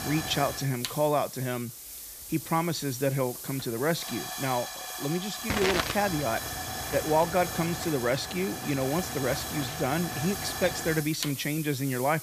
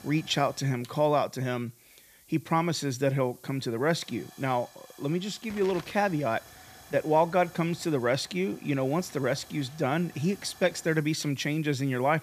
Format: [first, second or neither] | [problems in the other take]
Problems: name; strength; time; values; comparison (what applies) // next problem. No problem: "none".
second | hiss; loud; throughout; 5 dB below the speech; faint in the second